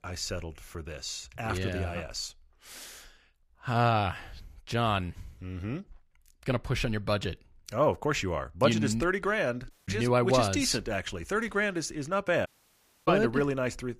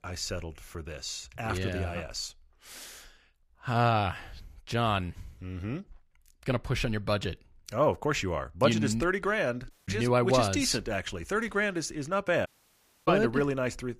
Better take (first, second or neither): neither